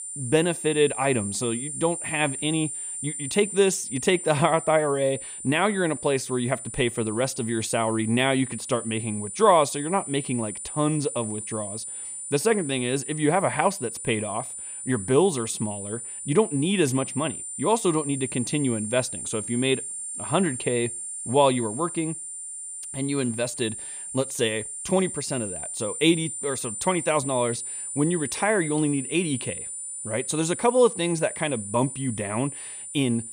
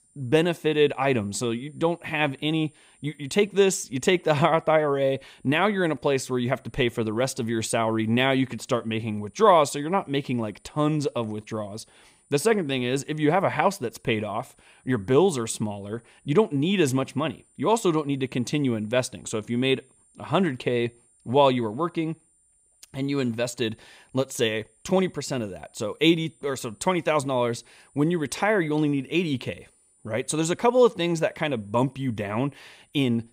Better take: second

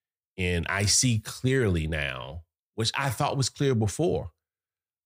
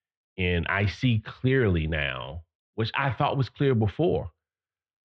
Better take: first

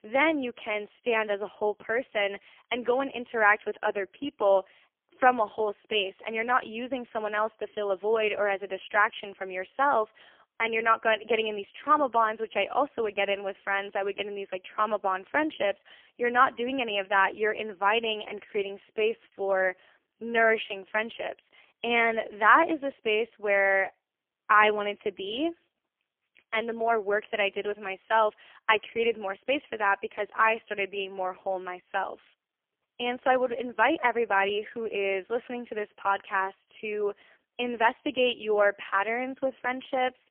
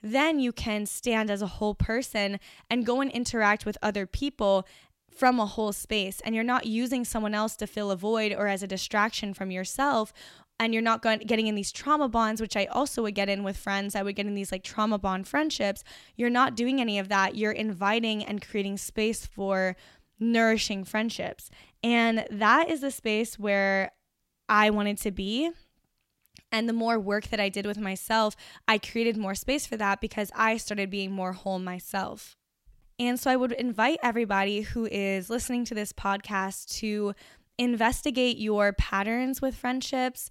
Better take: second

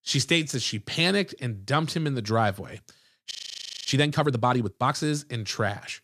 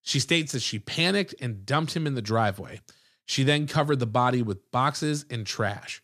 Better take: second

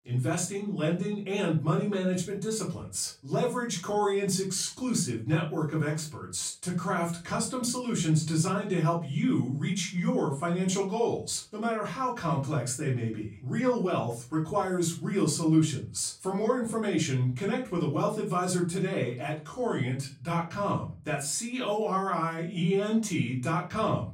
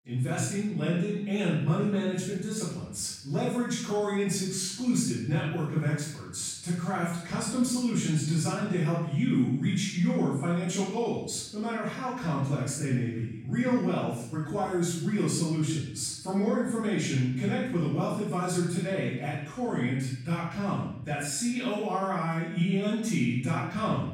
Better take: first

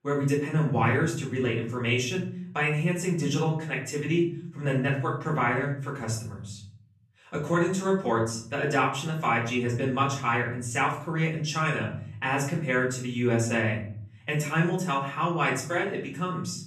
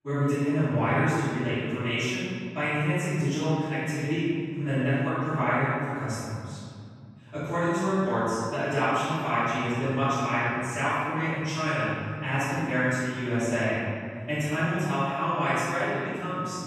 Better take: first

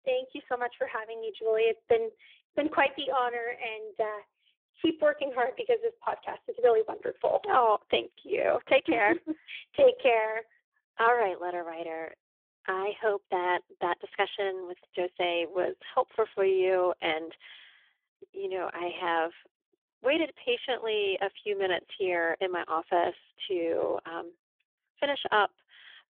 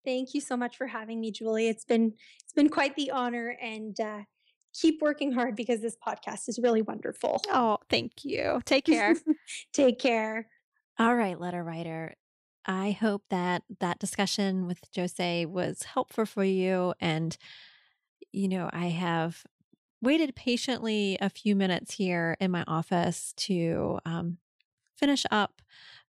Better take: second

